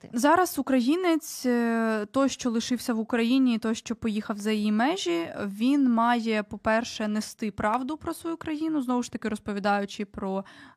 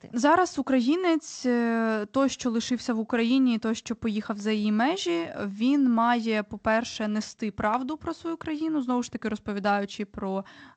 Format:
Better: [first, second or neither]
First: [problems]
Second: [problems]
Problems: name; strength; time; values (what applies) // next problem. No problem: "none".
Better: first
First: none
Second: garbled, watery; slightly; nothing above 7.5 kHz